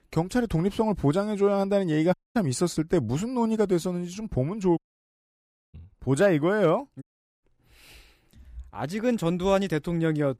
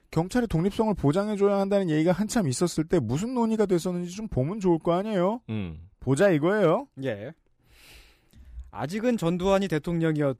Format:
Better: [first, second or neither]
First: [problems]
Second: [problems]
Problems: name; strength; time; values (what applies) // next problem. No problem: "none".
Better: second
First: audio cutting out; at 2 s, at 5 s for 1 s and at 7 s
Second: none